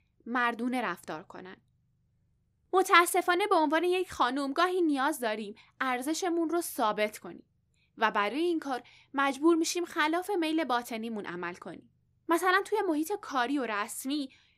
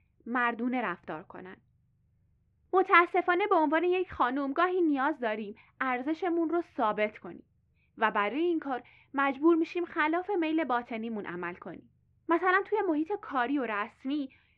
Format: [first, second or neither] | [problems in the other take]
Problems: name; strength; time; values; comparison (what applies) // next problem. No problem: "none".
first | muffled; very; fading above 2.5 kHz